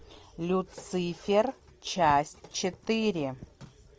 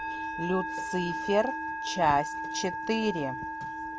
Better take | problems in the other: first | background sound (Musical instrument); 4 dB below the speech

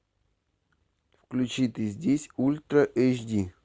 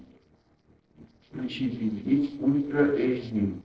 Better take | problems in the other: first | noise reduction (neural separator model SepFormer DNS4)

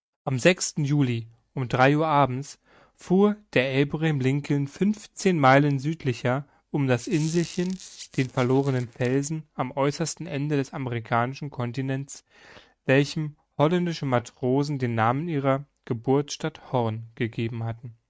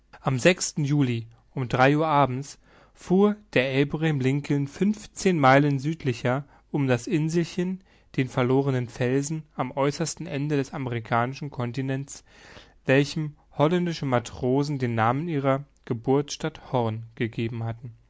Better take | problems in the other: second | noise reduction (neural mask model RNNoise)

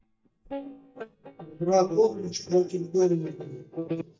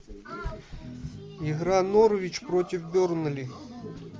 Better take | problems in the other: second | noise reduction (neural mask model DeepFilterNet 3)

